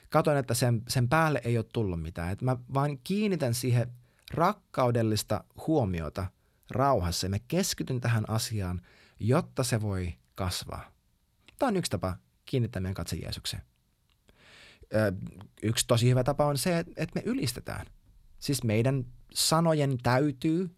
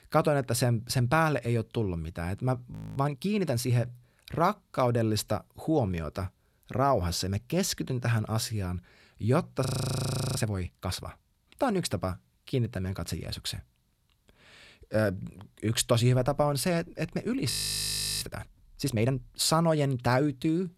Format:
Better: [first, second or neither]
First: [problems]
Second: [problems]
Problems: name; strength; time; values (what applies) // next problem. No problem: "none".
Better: first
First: none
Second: audio freezing; at 2.5 s, at 9.5 s for 0.5 s and at 18 s for 0.5 s